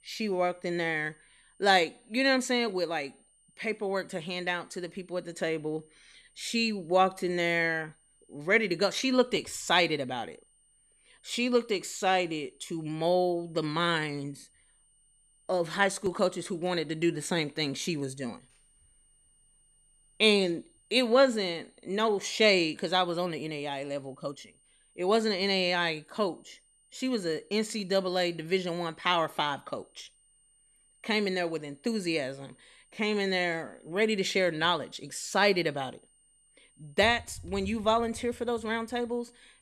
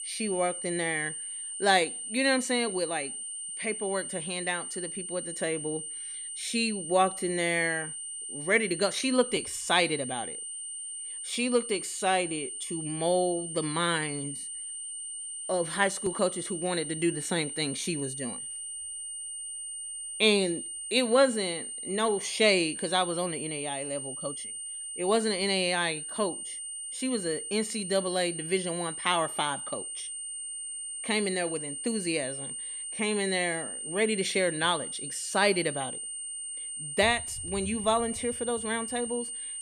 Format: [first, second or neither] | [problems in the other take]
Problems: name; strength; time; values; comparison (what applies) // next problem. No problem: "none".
first | high-pitched whine; loud; throughout; 9 kHz, 6 dB below the speech; faint in the first